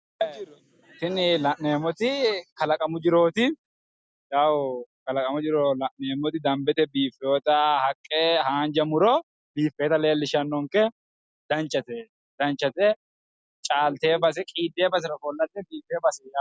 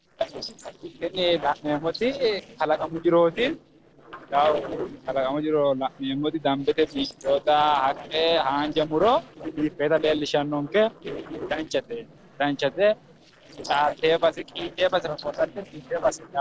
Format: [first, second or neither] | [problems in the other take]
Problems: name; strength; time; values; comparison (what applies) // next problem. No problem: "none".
first | noise reduction (neural separator model SepFormer DNS4)